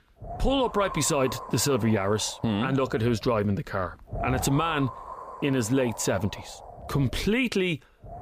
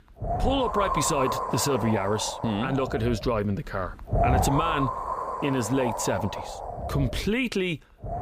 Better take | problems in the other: first | wind noise on the microphone; heavy; as loud as the speech; occasional gusts in the first

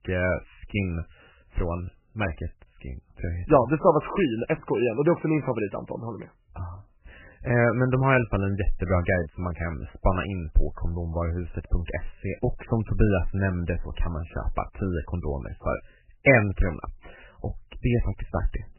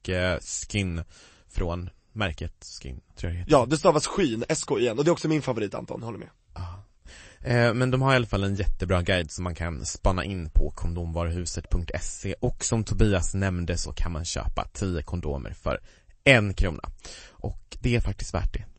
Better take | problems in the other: second | garbled, watery; badly; nothing above 2.5 kHz; slightly in the second

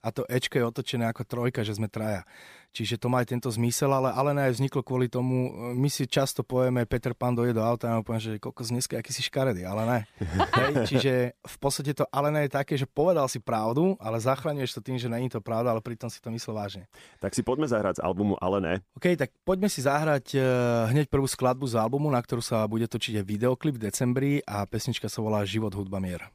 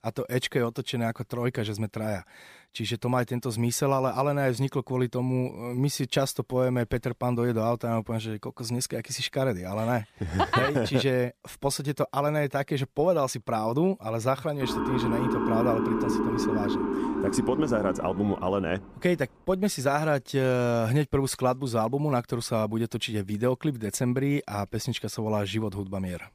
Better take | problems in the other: first | siren; loud; from 15 to 19 s; peak 1 dB above the speech

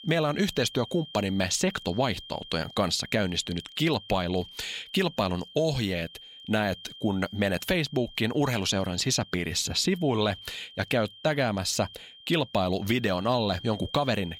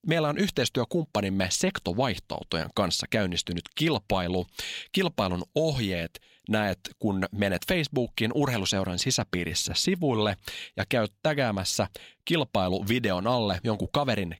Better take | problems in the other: second | high-pitched whine; noticeable; throughout; 3 kHz, 15 dB below the speech

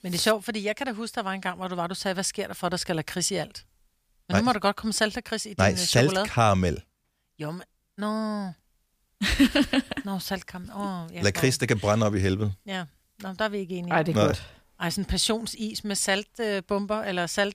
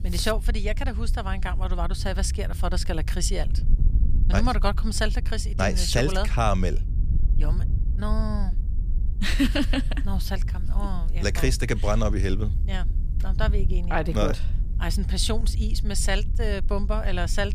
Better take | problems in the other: first | wind noise on the microphone; occasional gusts; 15 dB below the speech

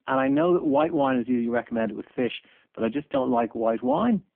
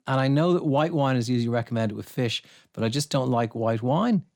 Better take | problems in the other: second | phone-call audio; poor line; nothing above 3.5 kHz

